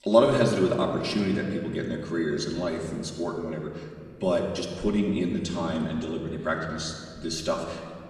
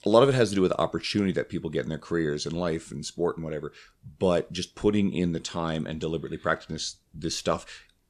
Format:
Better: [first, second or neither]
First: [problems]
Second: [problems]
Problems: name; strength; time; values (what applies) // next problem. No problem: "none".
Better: second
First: room echo; noticeable; dies away in 1.9 s // off-mic speech; far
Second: none